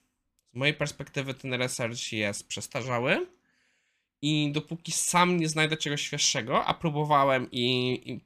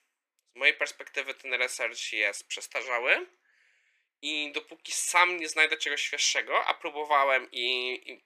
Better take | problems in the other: first | thin; very; fading below 400 Hz

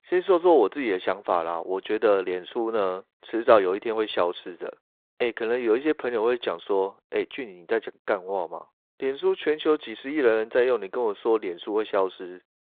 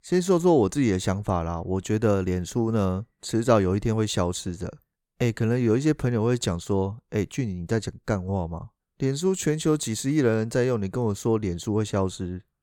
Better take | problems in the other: second | phone-call audio; nothing above 3.5 kHz

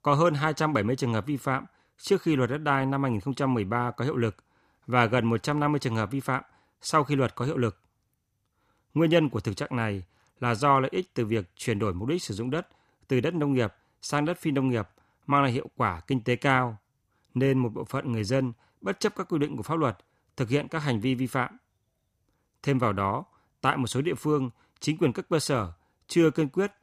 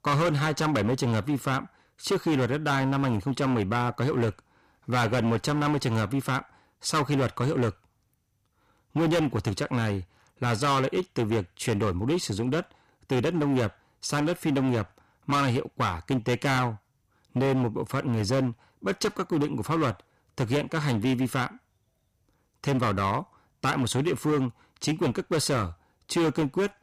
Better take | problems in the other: first | distortion; heavy; 13% of the sound clipped

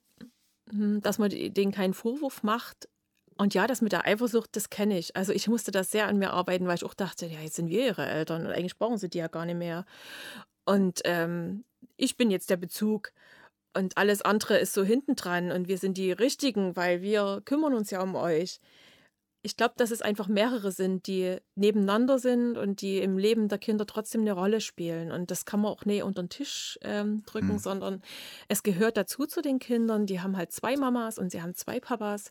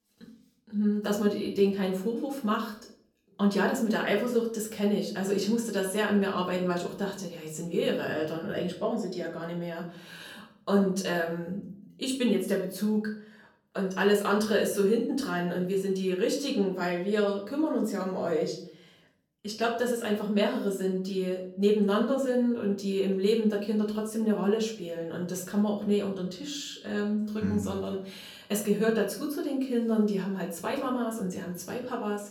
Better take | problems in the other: first | off-mic speech; far // room echo; slight; dies away in 0.5 s

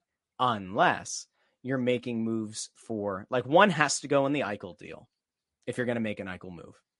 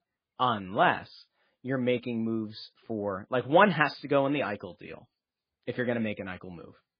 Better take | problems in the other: first | garbled, watery; badly; nothing above 5 kHz; slightly in the first

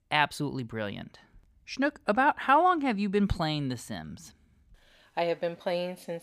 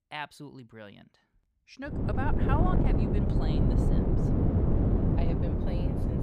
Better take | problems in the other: first | wind noise on the microphone; heavy; from 2 s on; 3 dB above the speech

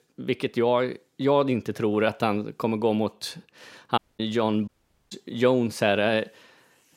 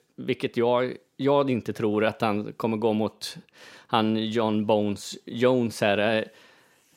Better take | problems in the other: second | audio cutting out; at 4 s and at 4.5 s

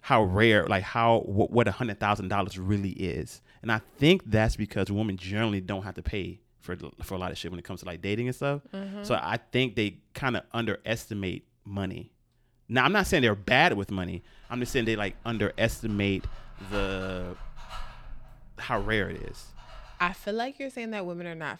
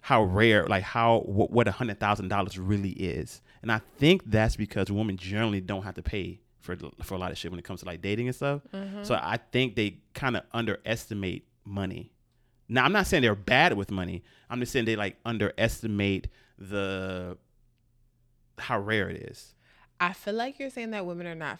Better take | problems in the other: second | dog barking; faint; from 14 to 20 s; peak 10 dB below the speech

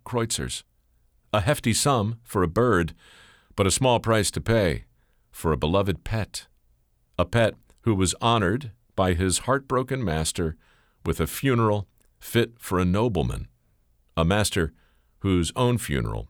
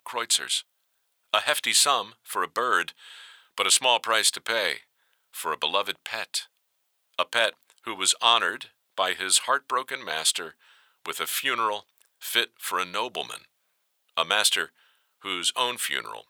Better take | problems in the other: first | thin; very; fading below 950 Hz

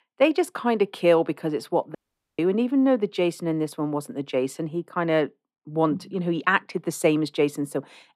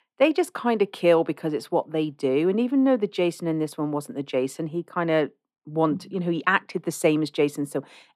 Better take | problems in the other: second | audio cutting out; at 2 s

